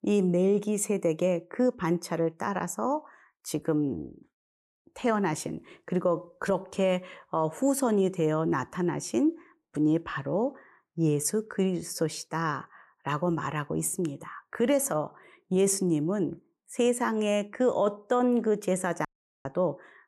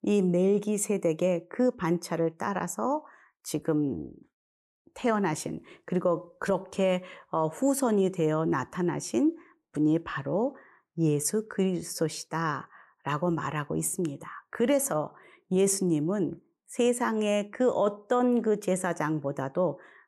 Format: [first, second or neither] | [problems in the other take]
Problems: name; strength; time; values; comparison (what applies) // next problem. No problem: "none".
second | audio cutting out; at 19 s